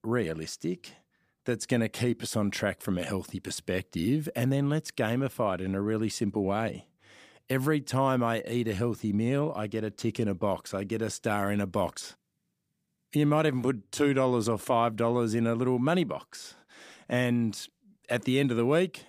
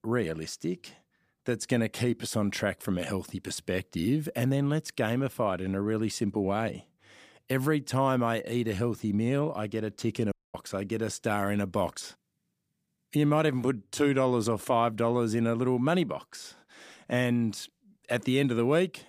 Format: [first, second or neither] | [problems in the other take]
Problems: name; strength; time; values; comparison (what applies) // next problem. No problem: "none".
first | audio cutting out; at 10 s